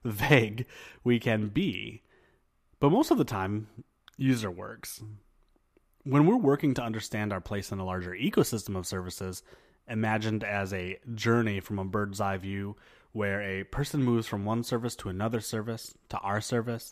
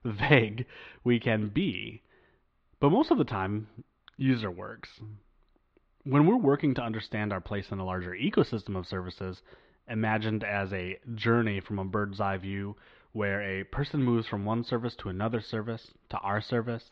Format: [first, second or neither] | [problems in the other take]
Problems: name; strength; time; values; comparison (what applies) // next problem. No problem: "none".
first | muffled; very slightly; fading above 4 kHz